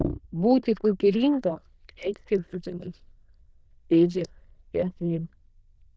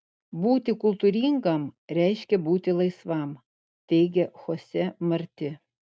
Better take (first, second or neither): second